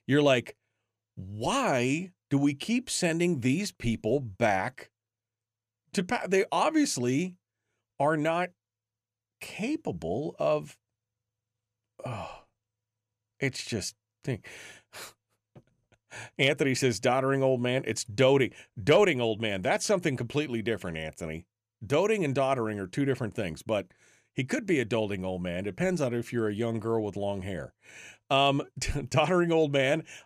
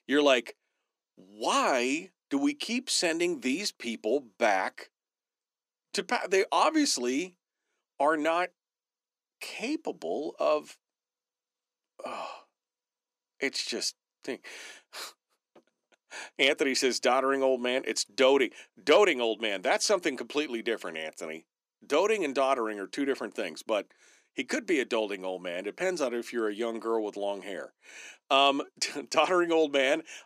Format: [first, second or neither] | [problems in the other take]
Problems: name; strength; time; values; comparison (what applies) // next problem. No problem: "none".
first | thin; very slightly; fading below 250 Hz